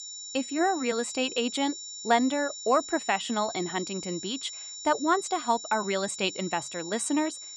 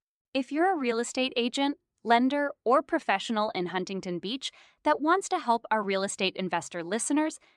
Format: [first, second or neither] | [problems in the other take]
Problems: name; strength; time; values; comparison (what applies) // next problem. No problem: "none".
second | high-pitched whine; loud; throughout; 7 kHz, 9 dB below the speech